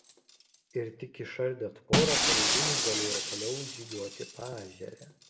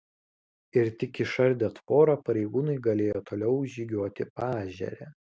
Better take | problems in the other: second | background sound (Shatter); 4 dB above the speech // room echo; dies away in 0.6 s

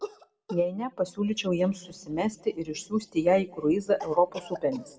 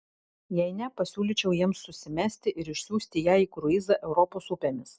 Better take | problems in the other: second | background sound (Cough); 19 dB below the speech // room echo; dies away in 1.1 s

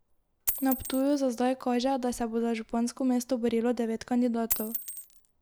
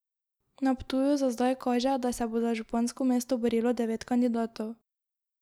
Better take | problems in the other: second | background sound (Coin (dropping)); 11 dB below the speech

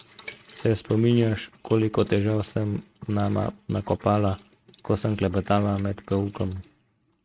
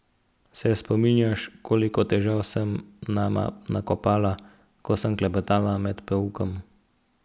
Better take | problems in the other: second | noise reduction (neural mask model RNNoise)

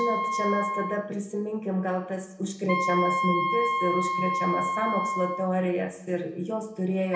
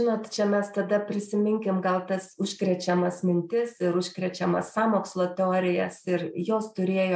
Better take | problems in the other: second | background sound (Wind instrument, woodwind instrument); 1 dB below the speech // room echo; dies away in 0.7 s

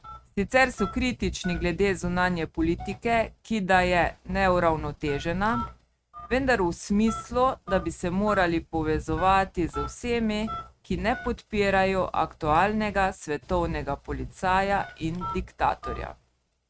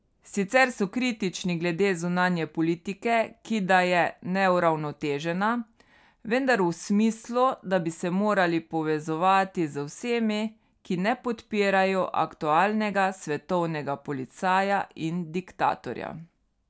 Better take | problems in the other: second | noise reduction (neural mask model RNNoise)

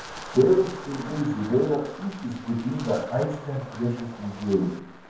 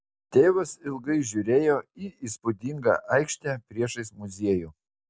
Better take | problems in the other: second | background sound (Wind); 15 dB below the speech // room echo; dies away in 0.9 s

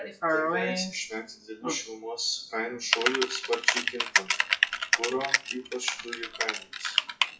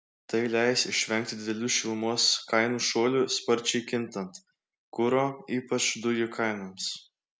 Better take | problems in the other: second | noise reduction (classical method WPE with log-MMSE)

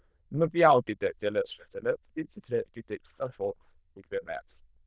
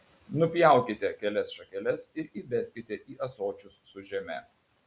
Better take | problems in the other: second | noise reduction (neural diffusion model UNIVERSE++)

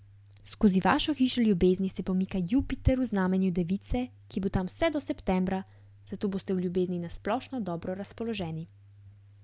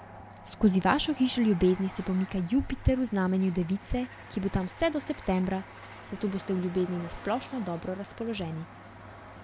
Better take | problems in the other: first | background sound (Train); 18 dB below the speech

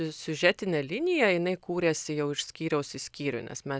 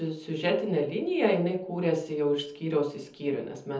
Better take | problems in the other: first | room echo; dies away in 0.7 s

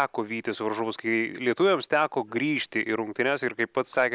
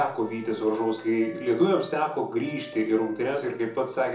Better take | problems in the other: first | background sound (Wind instrument, woodwind instrument); 18 dB below the speech // room echo; dies away in 0.6 s

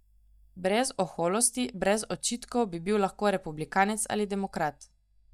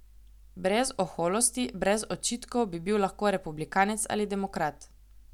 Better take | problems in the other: second | noise reduction (neural mask model DeepFilterNet 3)

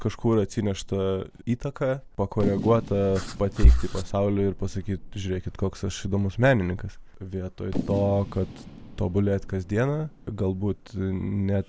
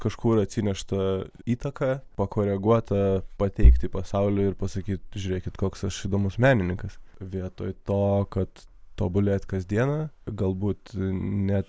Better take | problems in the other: second | background sound (Fireworks + Writing); 14 dB below the speech

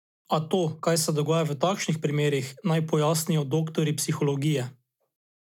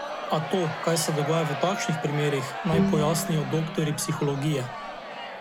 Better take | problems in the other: first | background sound (Bowed string instrument + Crowd); 5 dB below the speech

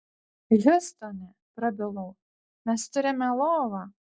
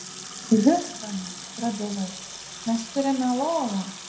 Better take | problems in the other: first | background sound (Sink (filling or washing) / Water tap, faucet); 12 dB below the speech // room echo; dies away in 0.5 s

